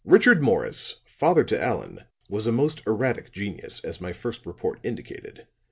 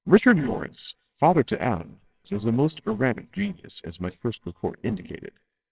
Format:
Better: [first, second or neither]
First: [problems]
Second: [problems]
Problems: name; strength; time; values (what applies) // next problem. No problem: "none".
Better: first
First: none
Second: noise reduction (neural separator model SepFormer WHAMR!)